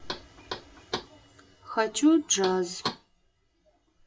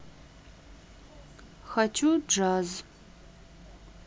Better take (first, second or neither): second